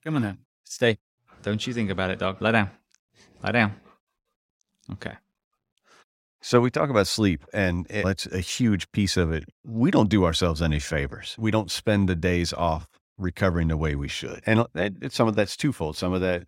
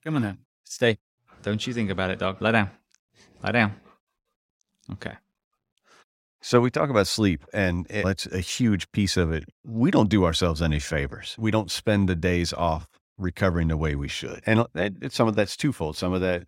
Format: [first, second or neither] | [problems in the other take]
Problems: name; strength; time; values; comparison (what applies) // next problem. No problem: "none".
neither | none